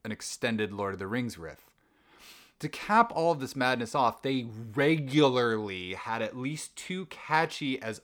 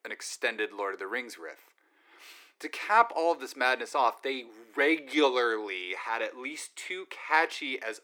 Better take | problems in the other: first | thin; somewhat; fading below 300 Hz

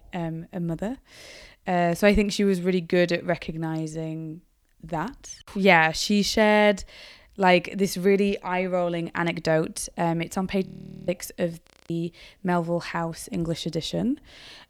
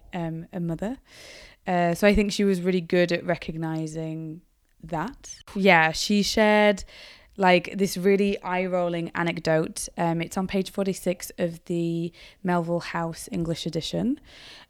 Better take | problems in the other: second | audio freezing; at 11 s and at 12 s

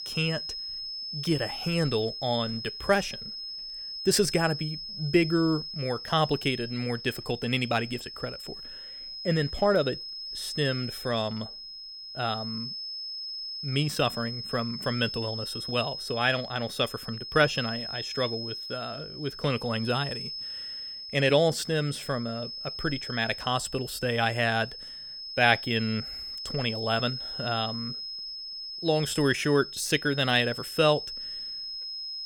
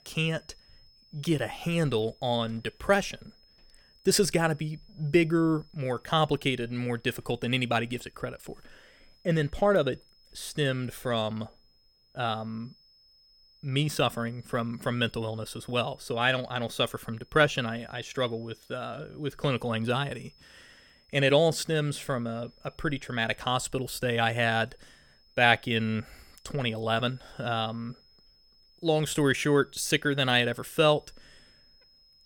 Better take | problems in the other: second | high-pitched whine; loud; throughout; 5 kHz, 7 dB below the speech; faint in the second

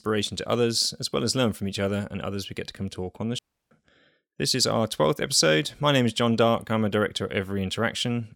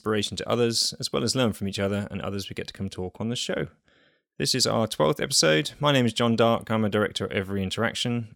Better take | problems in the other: second | audio cutting out; at 3.5 s

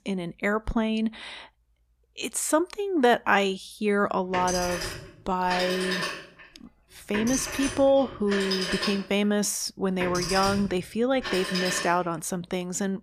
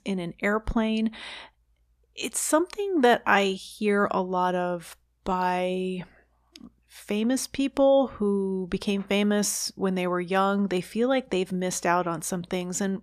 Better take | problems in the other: second | phone ringing; noticeable; from 4.5 to 12 s; peak 1 dB below the speech

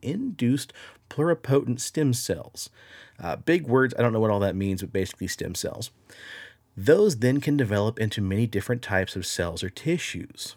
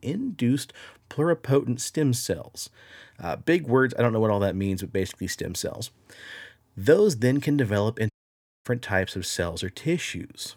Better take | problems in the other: first | audio cutting out; at 8 s for 0.5 s

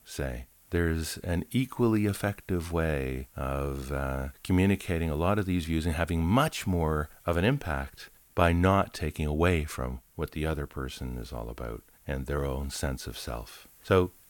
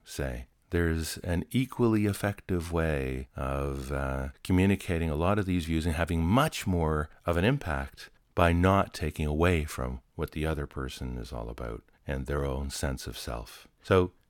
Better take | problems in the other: second | hiss; faint; throughout; 25 dB below the speech

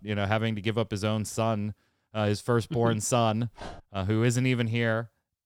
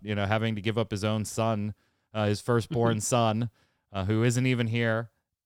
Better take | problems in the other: second | dog barking; faint; at 3.5 s; peak 15 dB below the speech

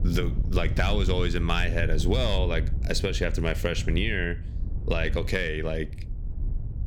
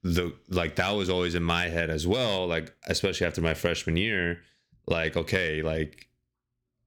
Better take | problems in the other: second | wind noise on the microphone; occasional gusts; 15 dB below the speech

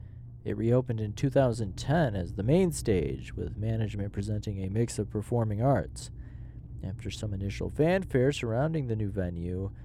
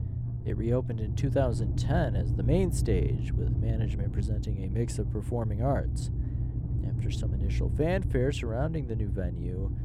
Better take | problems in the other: first | low rumble; loud; throughout; 9 dB below the speech; faint in the first

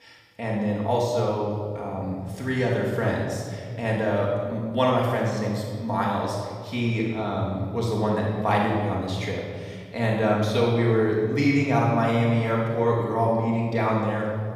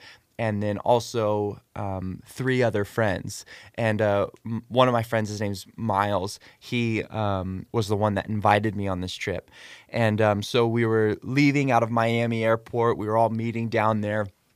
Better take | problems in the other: second | off-mic speech; far // room echo; noticeable; dies away in 2.1 s

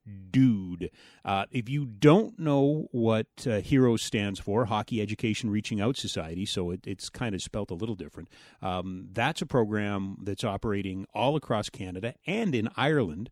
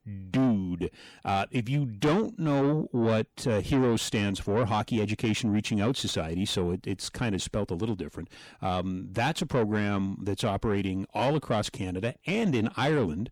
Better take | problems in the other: first | distortion; heavy; 7 dB below the speech

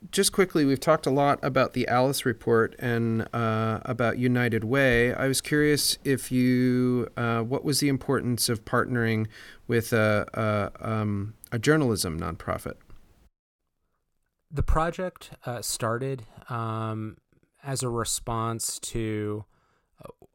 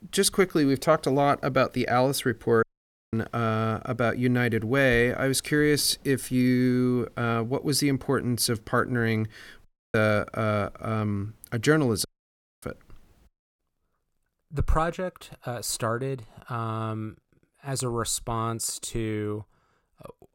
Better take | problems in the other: first | audio cutting out; at 2.5 s for 0.5 s, at 9.5 s and at 12 s for 0.5 s

